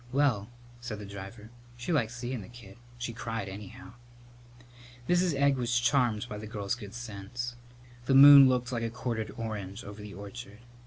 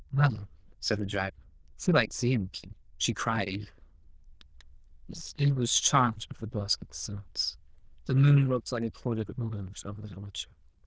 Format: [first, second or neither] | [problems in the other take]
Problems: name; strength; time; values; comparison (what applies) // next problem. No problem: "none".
first | noise reduction (neural diffusion model UNIVERSE++)